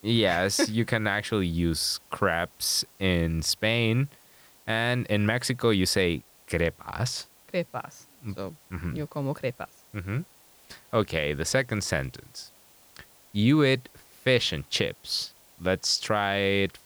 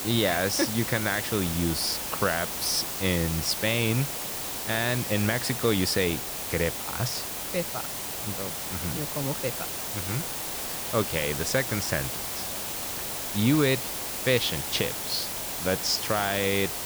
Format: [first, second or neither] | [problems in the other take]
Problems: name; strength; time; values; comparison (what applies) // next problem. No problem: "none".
first | hiss; loud; throughout; 3 dB below the speech; faint in the first